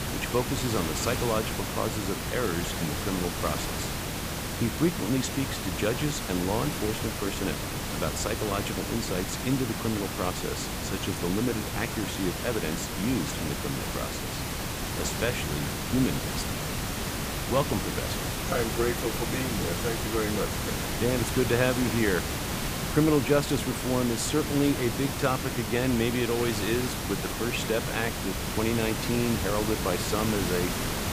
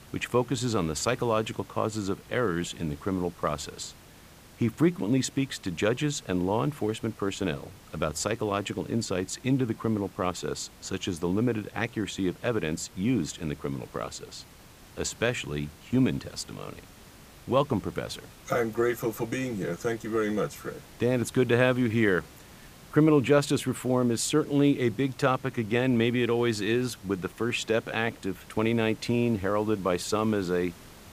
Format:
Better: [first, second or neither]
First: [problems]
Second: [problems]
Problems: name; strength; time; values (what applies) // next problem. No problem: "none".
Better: second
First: hiss; loud; throughout; 1 dB below the speech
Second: hiss; faint; throughout; 20 dB below the speech